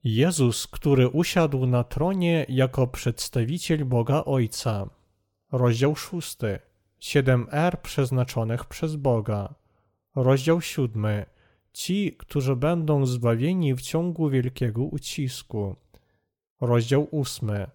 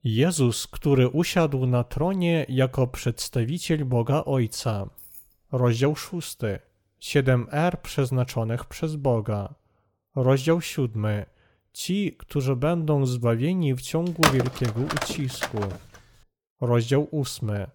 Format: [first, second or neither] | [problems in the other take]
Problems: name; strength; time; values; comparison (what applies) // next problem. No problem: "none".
first | jangling keys; faint; at 5 s; peak 20 dB below the speech // phone ringing; loud; from 14 to 16 s; peak 3 dB above the speech